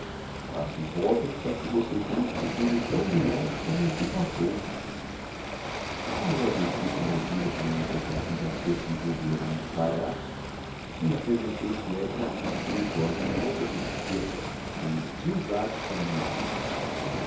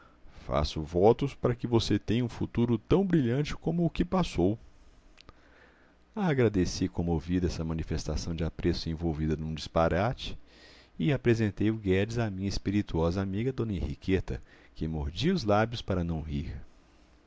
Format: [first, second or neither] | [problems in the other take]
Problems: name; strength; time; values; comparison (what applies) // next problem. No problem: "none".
second | background sound (Waves, surf); 2 dB below the speech // room echo; dies away in 0.6 s